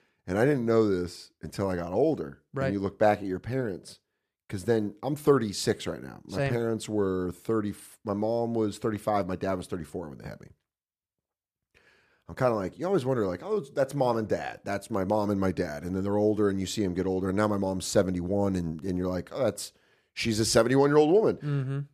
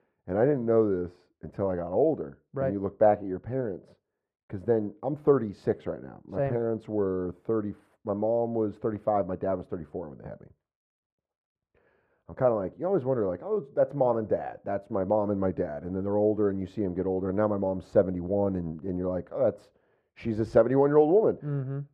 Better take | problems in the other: first | muffled; very; fading above 3 kHz

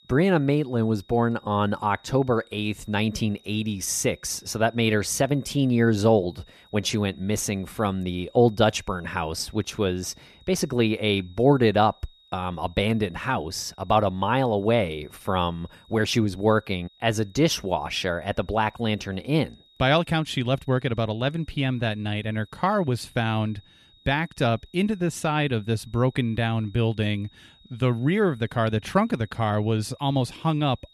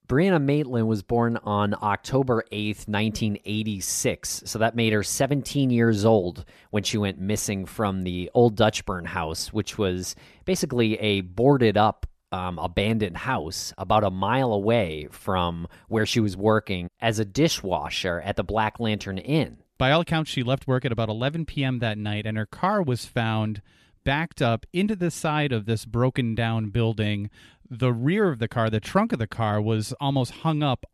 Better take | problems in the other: second | high-pitched whine; faint; throughout; 4 kHz, 30 dB below the speech

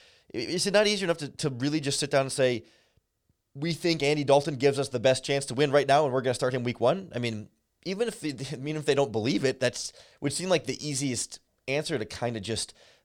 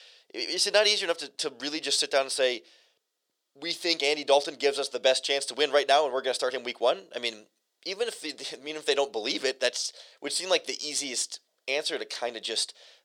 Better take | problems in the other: first | thin; somewhat; fading below 400 Hz

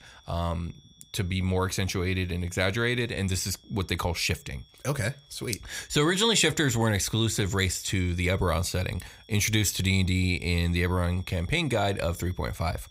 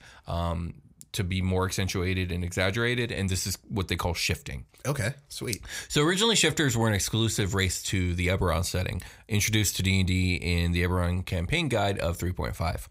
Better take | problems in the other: second | high-pitched whine; faint; throughout; 3.5 kHz, 30 dB below the speech

